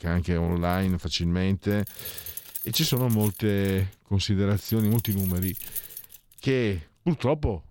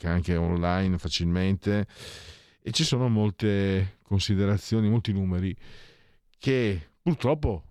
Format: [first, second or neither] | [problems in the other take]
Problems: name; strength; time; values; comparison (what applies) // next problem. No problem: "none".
second | jangling keys; noticeable; from 0.5 to 6.5 s; peak 5 dB below the speech